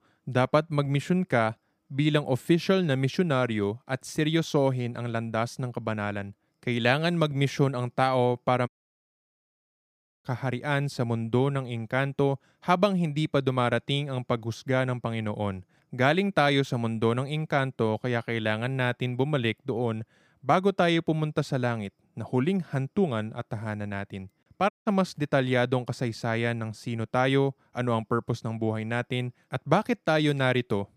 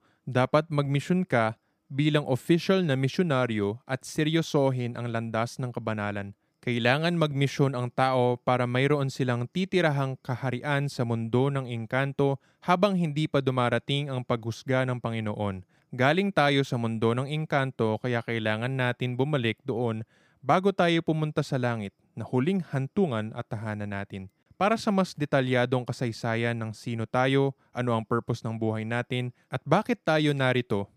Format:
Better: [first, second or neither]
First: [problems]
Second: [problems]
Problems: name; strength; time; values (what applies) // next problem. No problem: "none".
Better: second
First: audio cutting out; at 8.5 s for 1.5 s and at 25 s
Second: none